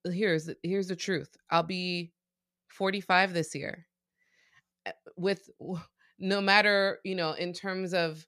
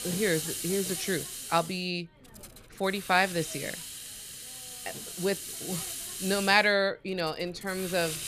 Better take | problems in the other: first | hiss; loud; throughout; 7 dB below the speech

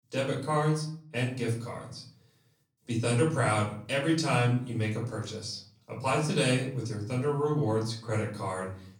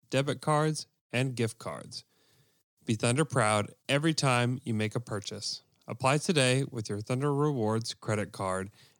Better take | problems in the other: second | off-mic speech; far // room echo; slight; dies away in 0.5 s

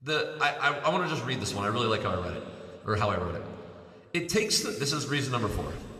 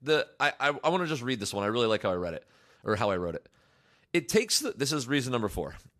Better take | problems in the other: second | room echo; slight; dies away in 2.3 s

